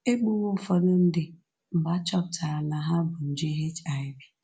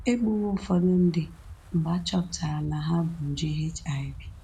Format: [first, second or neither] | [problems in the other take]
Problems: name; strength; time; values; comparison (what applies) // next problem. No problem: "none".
first | background sound (Wind); 17 dB below the speech